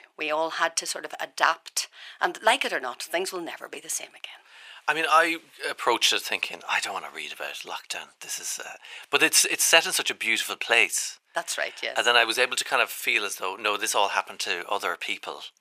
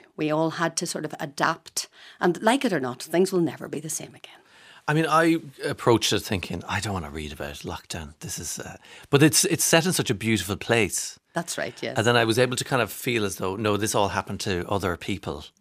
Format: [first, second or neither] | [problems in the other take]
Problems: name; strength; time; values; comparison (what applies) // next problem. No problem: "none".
second | thin; very; fading below 750 Hz